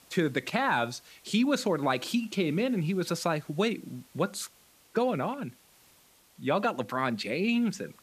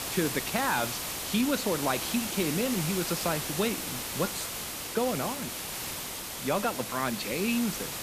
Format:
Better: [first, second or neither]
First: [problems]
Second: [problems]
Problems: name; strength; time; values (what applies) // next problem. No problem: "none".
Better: first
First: hiss; faint; throughout; 30 dB below the speech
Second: hiss; loud; throughout; 2 dB below the speech